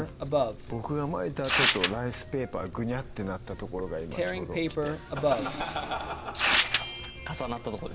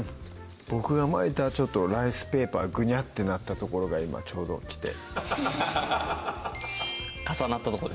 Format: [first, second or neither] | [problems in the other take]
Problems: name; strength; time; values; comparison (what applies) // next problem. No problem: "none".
second | background sound (Tearing); 2 dB above the speech